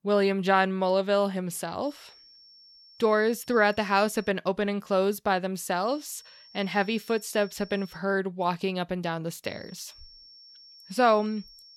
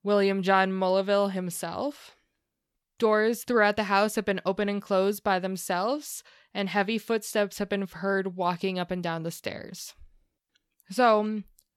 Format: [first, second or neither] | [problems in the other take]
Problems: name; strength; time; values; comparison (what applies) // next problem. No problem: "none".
second | high-pitched whine; faint; from 2 to 4.5 s, from 6 to 8 s and from 9.5 s on; 5.5 kHz, 25 dB below the speech